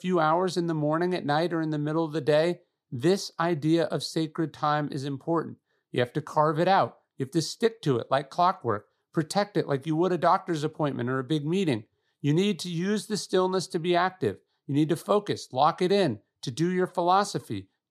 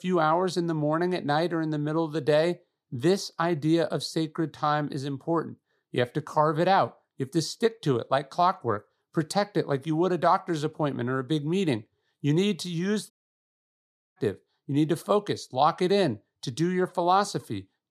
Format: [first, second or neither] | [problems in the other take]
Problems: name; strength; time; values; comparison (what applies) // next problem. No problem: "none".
first | audio cutting out; at 13 s for 1 s